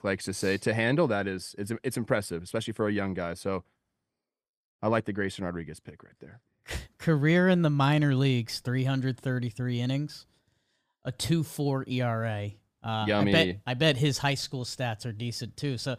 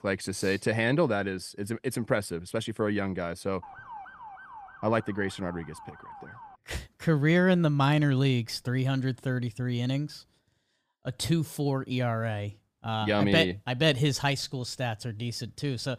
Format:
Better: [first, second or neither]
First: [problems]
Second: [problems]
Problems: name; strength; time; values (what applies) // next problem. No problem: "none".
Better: first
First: none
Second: siren; faint; from 3.5 to 6.5 s; peak 15 dB below the speech